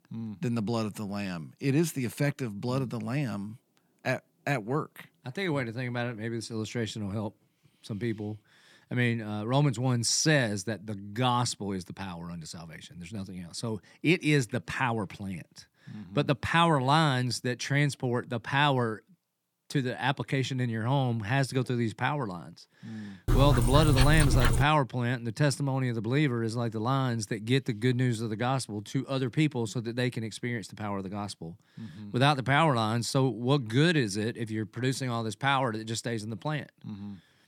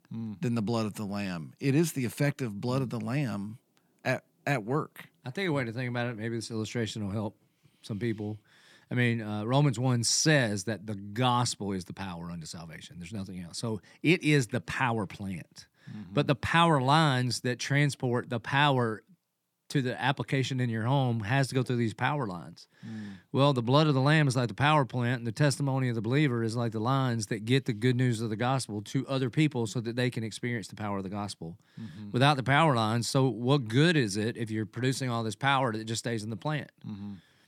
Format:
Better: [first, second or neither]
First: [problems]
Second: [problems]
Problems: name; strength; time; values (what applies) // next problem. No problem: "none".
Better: second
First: dog barking; loud; from 23 to 25 s; peak 3 dB above the speech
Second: none